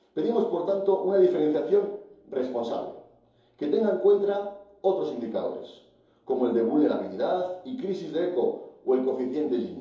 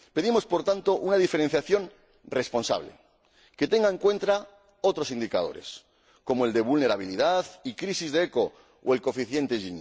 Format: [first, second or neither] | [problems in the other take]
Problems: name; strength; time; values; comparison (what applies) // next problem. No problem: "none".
second | room echo; dies away in 2.8 s